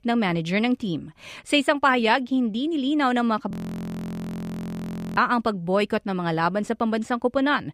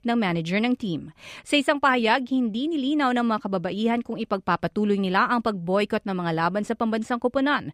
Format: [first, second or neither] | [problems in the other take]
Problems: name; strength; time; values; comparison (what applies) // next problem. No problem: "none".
second | audio freezing; at 3.5 s for 1.5 s